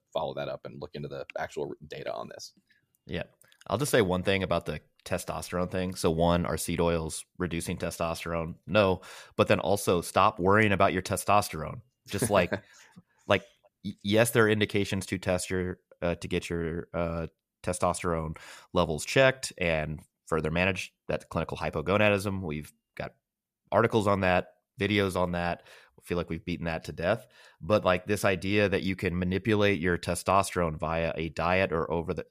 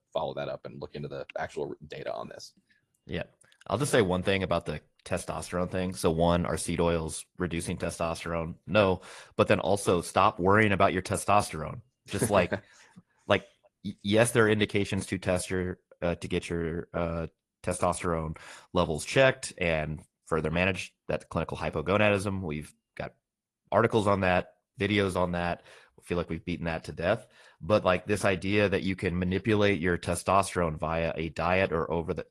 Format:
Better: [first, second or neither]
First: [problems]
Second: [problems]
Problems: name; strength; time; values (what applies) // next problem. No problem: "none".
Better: first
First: none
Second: garbled, watery; slightly